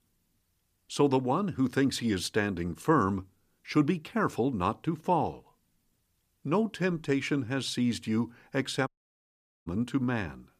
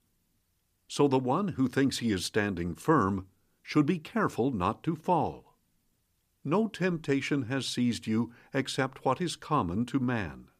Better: second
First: audio cutting out; at 9 s for 1 s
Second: none

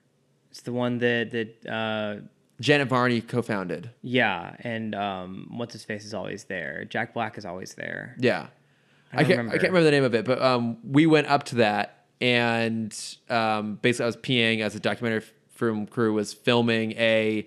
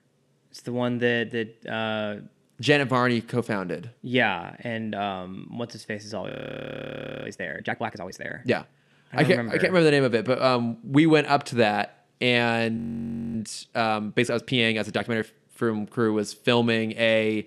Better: first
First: none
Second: audio freezing; at 6.5 s for 1 s and at 13 s for 0.5 s

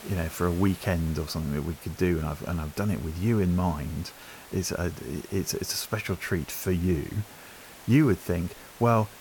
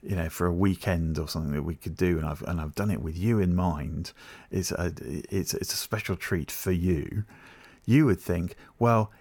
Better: second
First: hiss; noticeable; throughout; 20 dB below the speech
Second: none

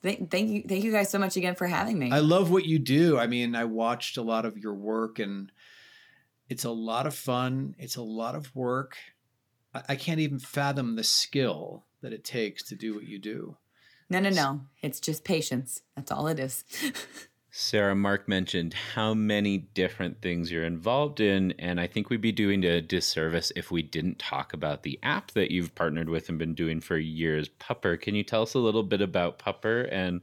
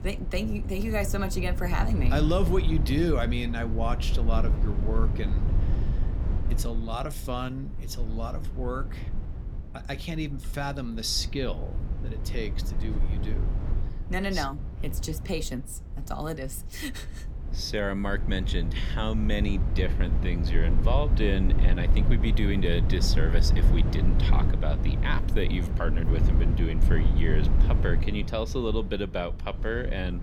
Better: first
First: none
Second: low rumble; loud; throughout; 9 dB below the speech

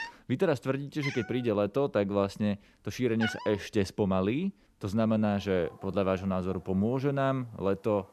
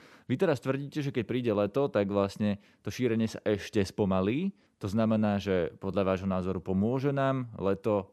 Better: second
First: animal sounds; noticeable; throughout; 10 dB below the speech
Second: none

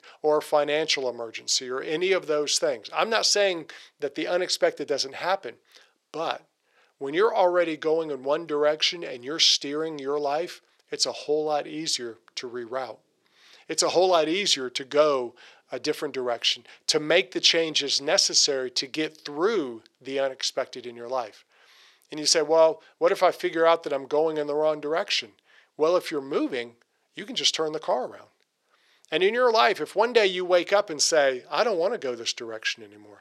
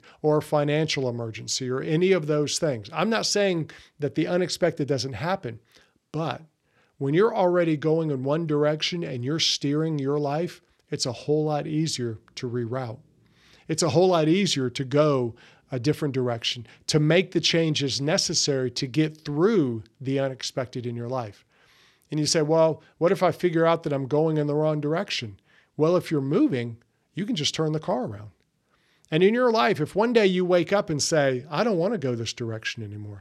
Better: second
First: thin; very; fading below 550 Hz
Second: none

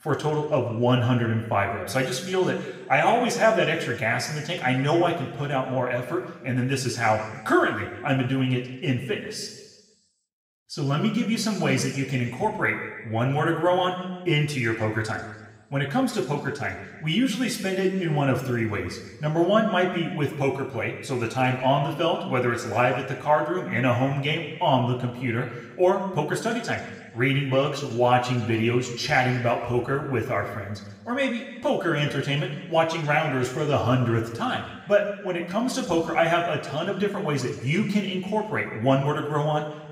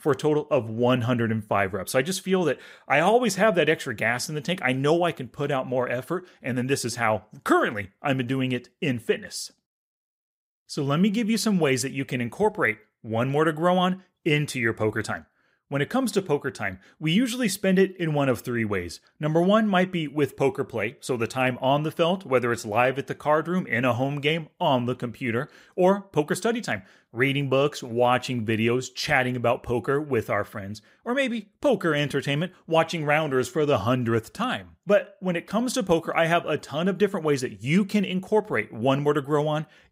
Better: second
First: room echo; slight; dies away in 1.3 s // off-mic speech; somewhat distant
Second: none

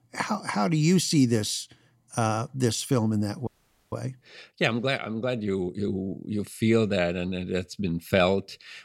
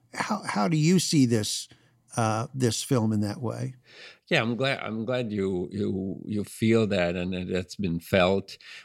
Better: second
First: audio freezing; at 3.5 s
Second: none

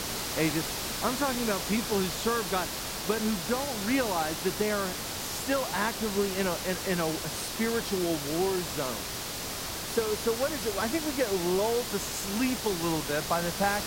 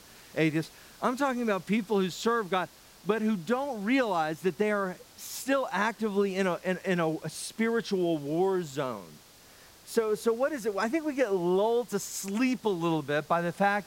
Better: second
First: hiss; loud; throughout; 2 dB below the speech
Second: hiss; faint; throughout; 25 dB below the speech

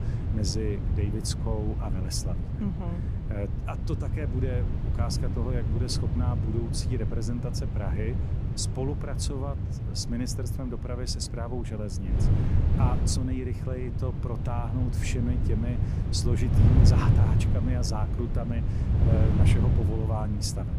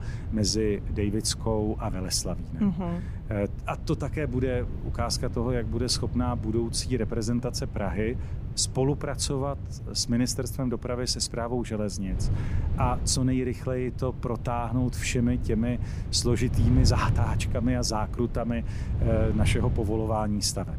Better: second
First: wind noise on the microphone; heavy; 3 dB below the speech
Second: wind noise on the microphone; occasional gusts; 15 dB below the speech

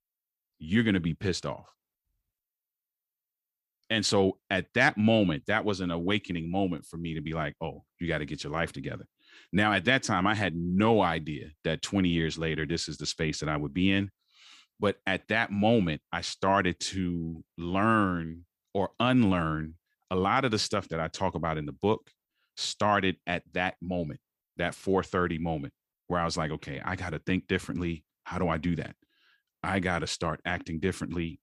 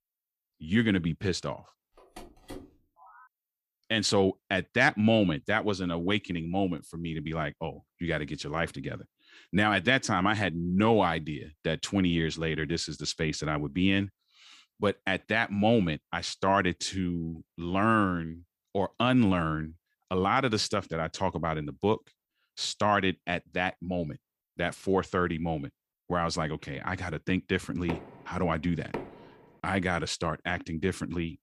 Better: first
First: none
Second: phone ringing; faint; from 2 to 3.5 s; peak 15 dB below the speech // door banging; faint; from 28 to 29 s; peak 10 dB below the speech

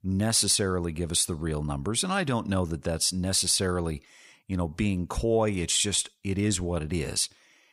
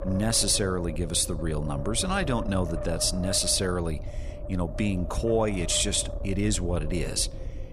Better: first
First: none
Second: wind noise on the microphone; occasional gusts; 10 dB below the speech

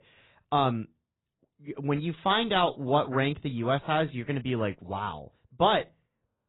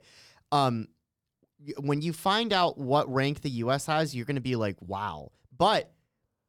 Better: second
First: garbled, watery; badly; nothing above 4 kHz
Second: none

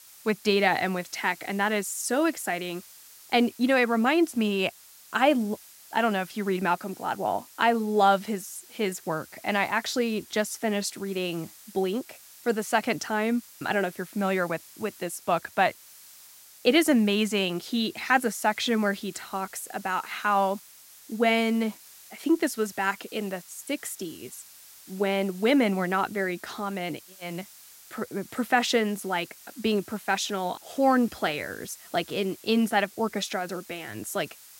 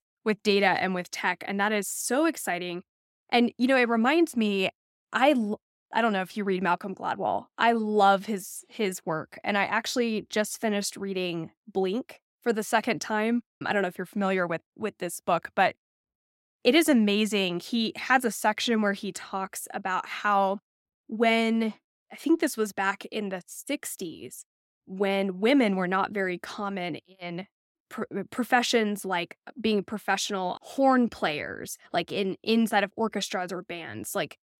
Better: second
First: hiss; faint; throughout; 20 dB below the speech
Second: none

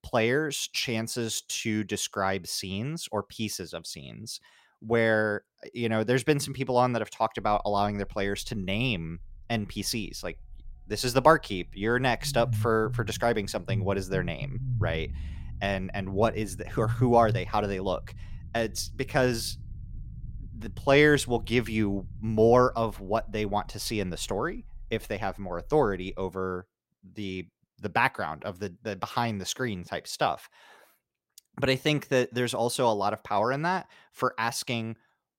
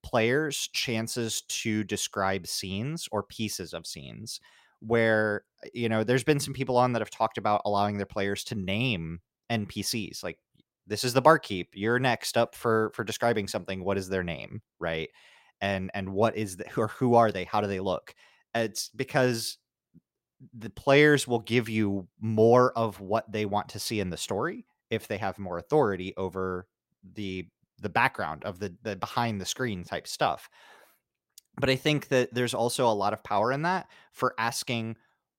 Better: second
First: low rumble; faint; from 7.5 to 26 s; 20 dB below the speech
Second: none

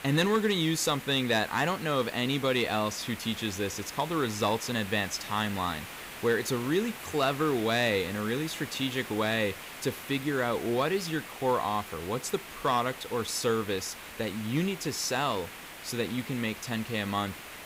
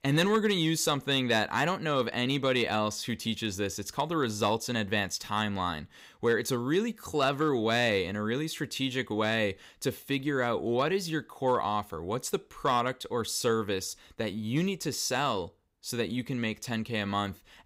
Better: second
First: hiss; noticeable; throughout; 10 dB below the speech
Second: none

